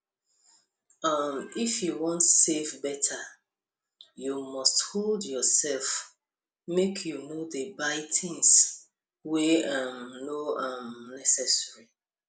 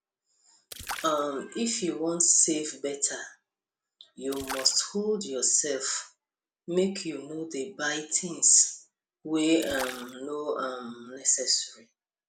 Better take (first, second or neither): first